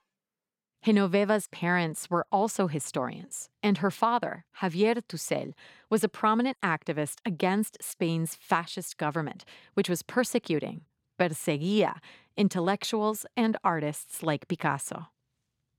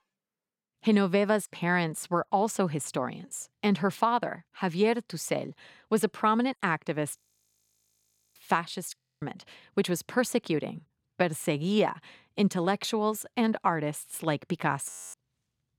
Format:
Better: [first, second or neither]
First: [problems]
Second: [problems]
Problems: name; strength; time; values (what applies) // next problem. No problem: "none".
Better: first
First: none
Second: audio freezing; at 7 s for 1 s, at 9 s and at 15 s